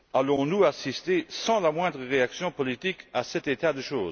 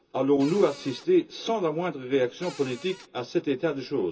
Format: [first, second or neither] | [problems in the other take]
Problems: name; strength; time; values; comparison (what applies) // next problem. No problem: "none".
first | background sound (Cupboard open or close); 19 dB below the speech // room echo; dies away in 0.2 s